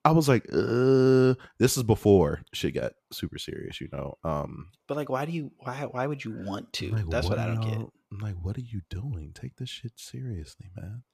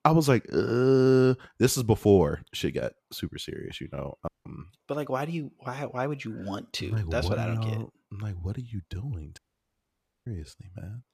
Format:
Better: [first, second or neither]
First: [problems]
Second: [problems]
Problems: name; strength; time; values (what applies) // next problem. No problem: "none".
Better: first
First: none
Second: audio cutting out; at 4.5 s and at 9.5 s for 1 s